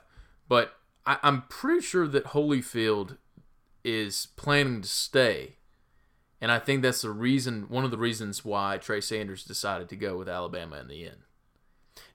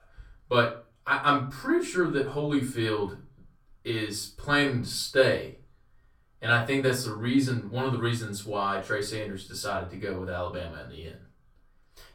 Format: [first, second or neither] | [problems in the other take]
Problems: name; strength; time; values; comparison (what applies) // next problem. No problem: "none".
first | off-mic speech; far // room echo; slight; dies away in 0.3 s